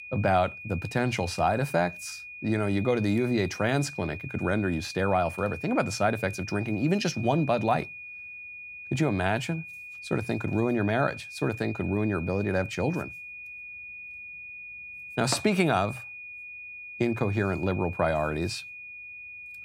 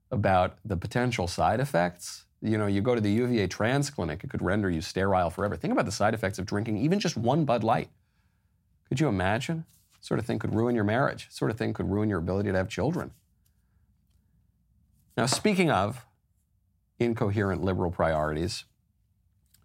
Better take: second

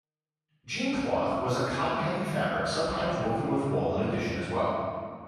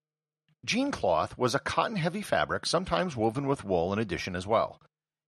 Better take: second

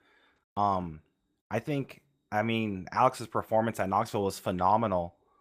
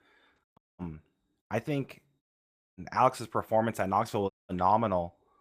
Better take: first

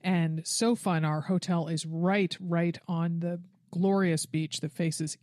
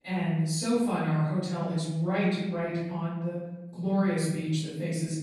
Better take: first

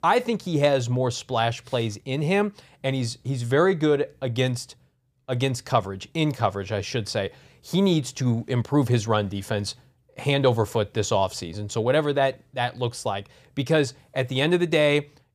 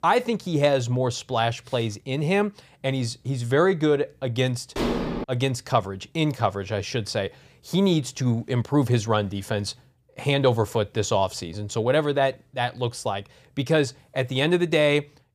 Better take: first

